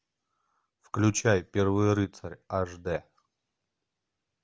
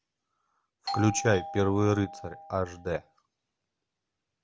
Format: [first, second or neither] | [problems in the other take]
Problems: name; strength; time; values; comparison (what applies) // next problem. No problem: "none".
first | background sound (Doorbell); 9 dB below the speech